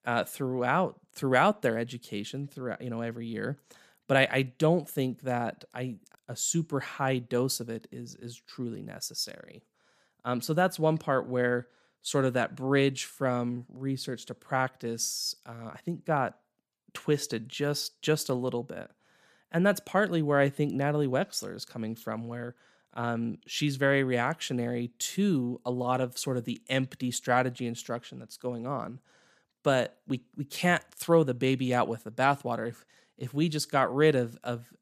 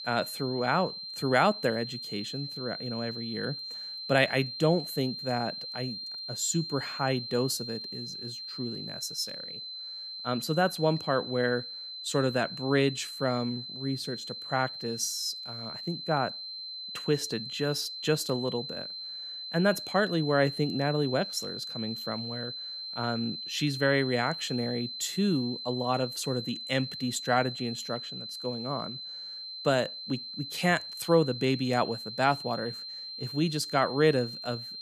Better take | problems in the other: first | high-pitched whine; loud; throughout; 4 kHz, 7 dB below the speech

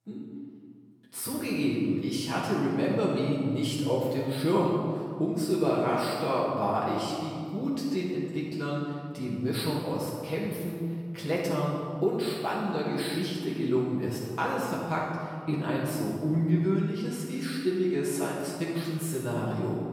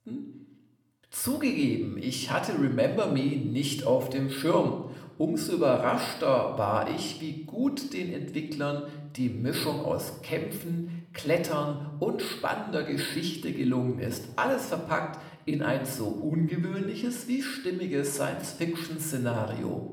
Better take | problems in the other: second | room echo; strong; dies away in 1.8 s; slight in the second // off-mic speech; far; somewhat distant in the second

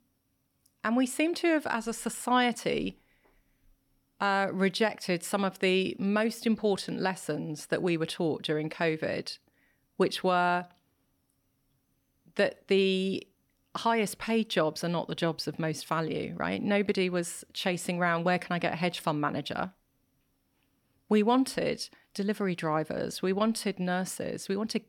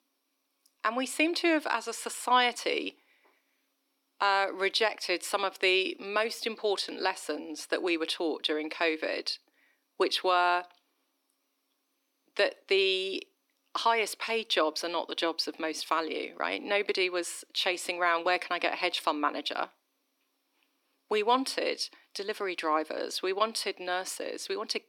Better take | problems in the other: first | thin; somewhat; fading below 300 Hz

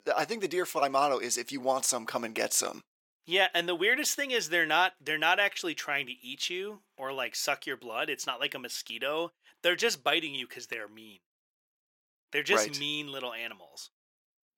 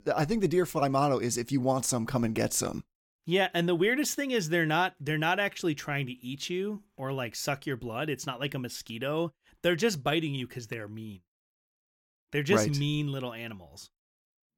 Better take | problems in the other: second | thin; somewhat; fading below 500 Hz

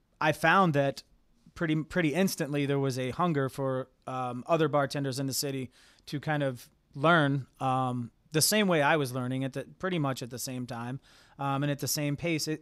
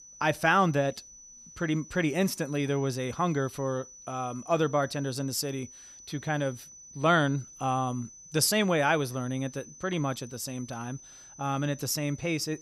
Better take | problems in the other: first | high-pitched whine; noticeable; throughout; 6 kHz, 20 dB below the speech

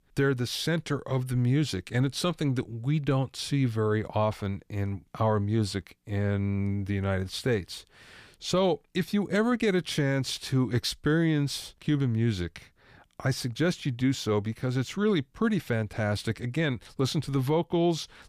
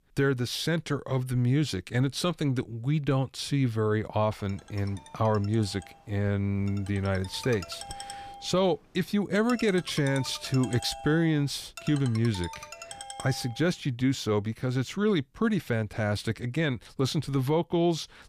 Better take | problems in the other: first | phone ringing; faint; from 4.5 to 14 s; peak 10 dB below the speech

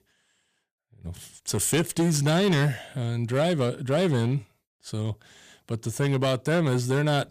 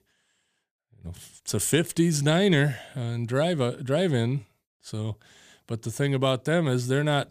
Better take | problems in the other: second | distortion; slight; 7% of the sound clipped

